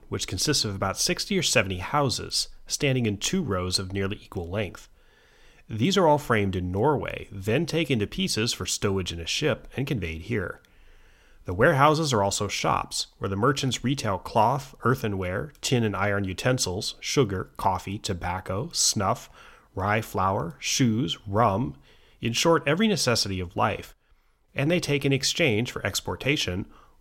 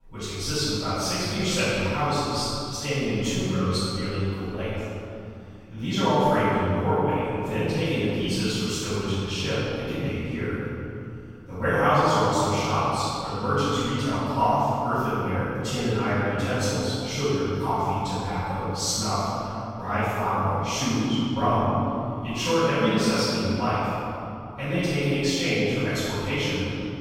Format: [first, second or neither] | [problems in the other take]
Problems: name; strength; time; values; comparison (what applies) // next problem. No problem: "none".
first | off-mic speech; far // room echo; strong; dies away in 2.6 s